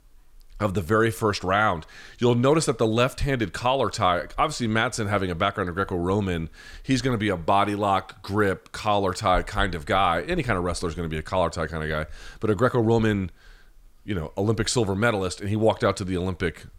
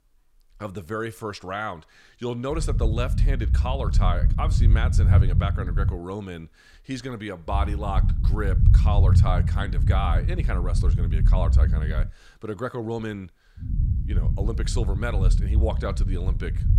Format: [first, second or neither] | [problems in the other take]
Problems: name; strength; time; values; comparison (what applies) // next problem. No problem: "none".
first | low rumble; loud; from 2.5 to 6 s, from 7.5 to 12 s and from 14 s on; 7 dB below the speech